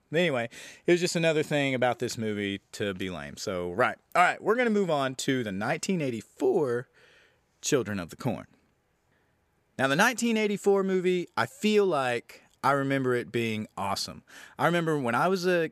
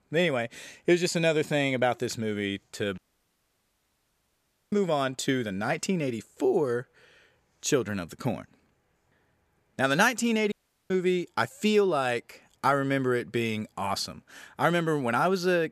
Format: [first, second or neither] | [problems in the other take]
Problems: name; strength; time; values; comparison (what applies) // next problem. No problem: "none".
first | audio cutting out; at 3 s for 1.5 s and at 11 s